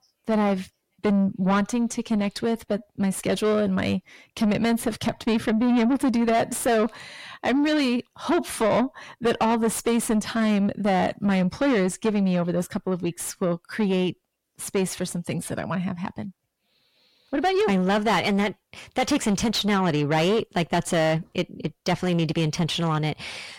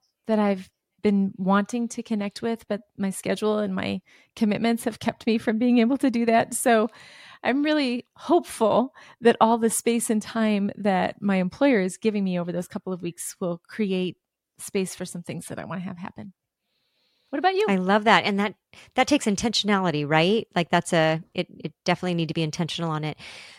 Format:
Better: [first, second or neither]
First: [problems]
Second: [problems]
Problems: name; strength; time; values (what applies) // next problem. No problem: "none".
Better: second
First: distortion; heavy; 7 dB below the speech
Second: none